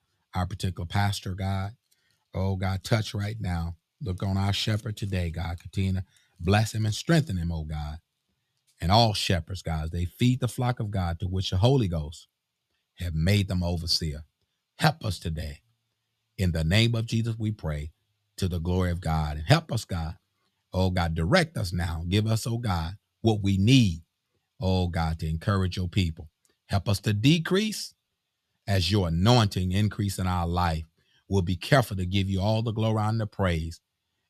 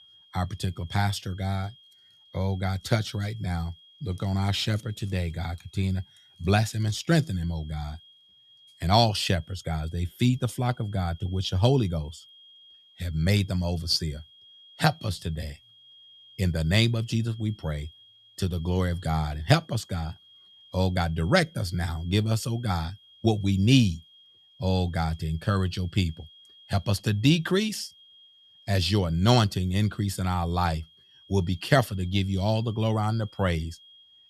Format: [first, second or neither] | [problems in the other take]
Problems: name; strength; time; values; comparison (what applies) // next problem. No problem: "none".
first | high-pitched whine; faint; throughout; 3.5 kHz, 25 dB below the speech